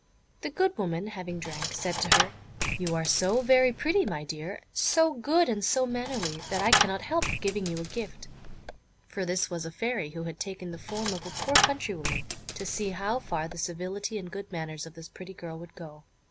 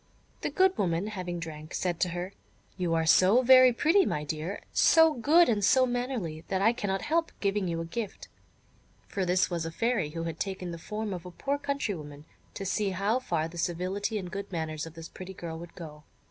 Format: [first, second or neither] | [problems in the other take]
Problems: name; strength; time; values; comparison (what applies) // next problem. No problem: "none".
second | background sound (Coin (dropping)); 2 dB below the speech